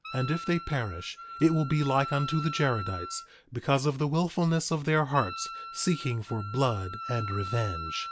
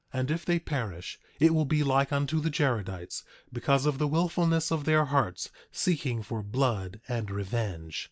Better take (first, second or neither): second